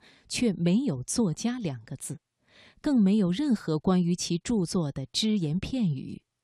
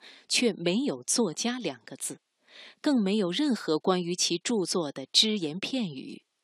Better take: first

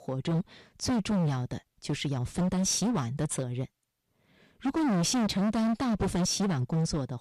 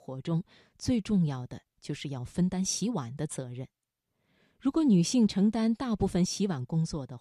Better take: second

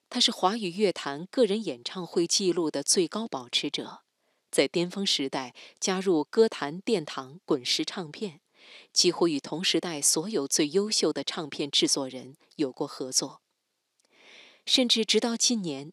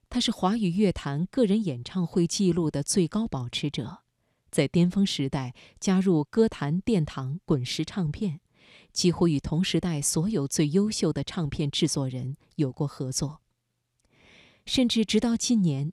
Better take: second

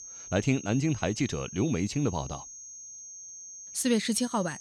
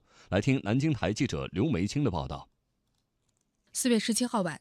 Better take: second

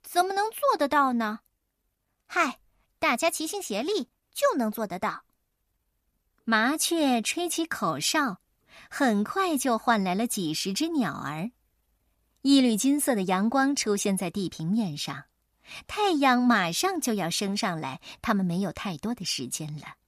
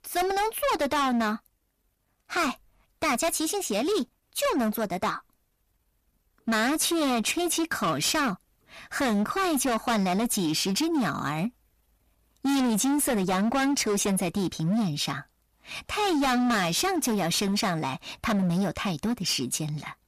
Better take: first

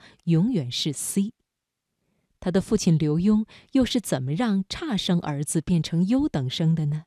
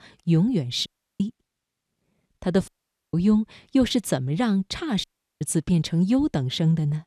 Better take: first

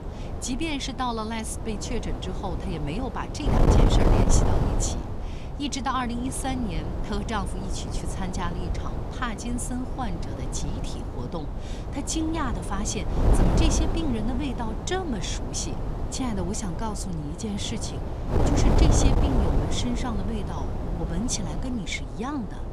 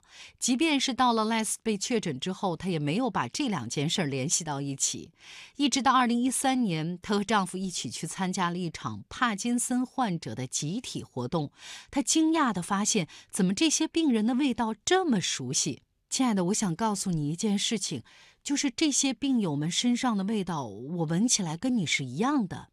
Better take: second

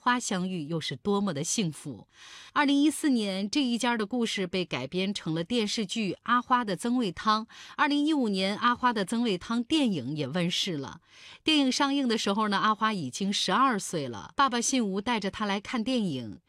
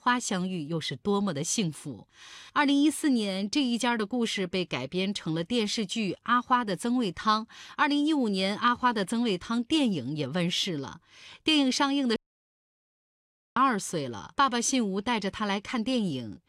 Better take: first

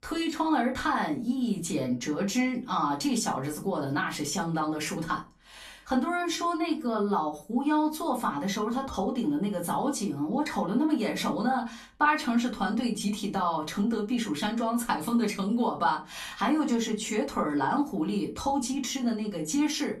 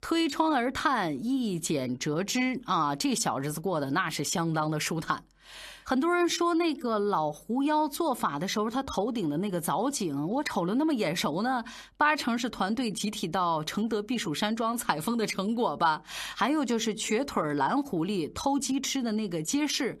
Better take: second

